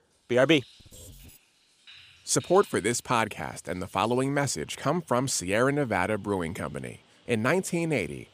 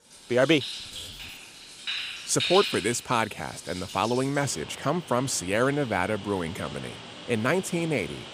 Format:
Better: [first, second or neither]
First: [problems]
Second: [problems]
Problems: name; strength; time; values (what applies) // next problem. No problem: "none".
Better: first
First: rain or running water; faint; throughout; 25 dB below the speech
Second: rain or running water; loud; throughout; 9 dB below the speech